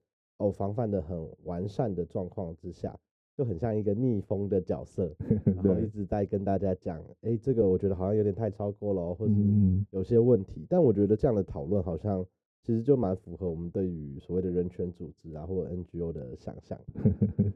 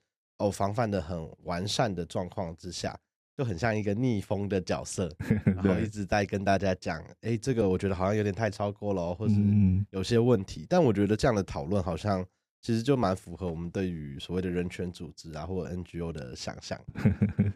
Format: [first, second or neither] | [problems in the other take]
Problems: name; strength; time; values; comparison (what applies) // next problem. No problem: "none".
second | muffled; very; fading above 1 kHz